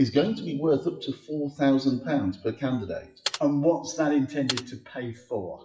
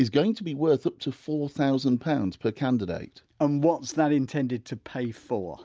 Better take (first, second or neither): second